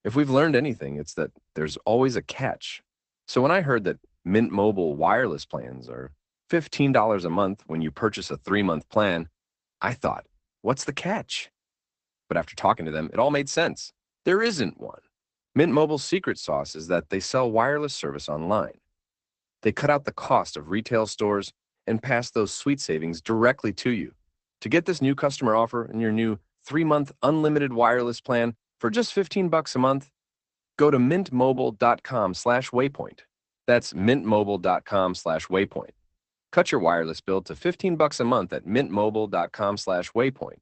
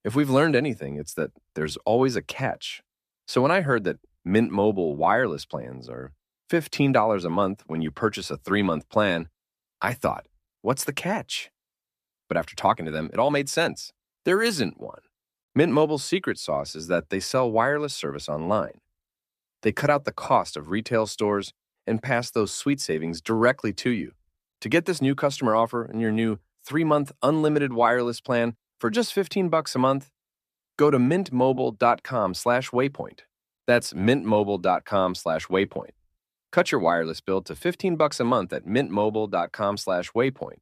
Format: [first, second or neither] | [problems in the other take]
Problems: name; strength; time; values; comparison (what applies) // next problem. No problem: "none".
second | garbled, watery; badly; nothing above 8 kHz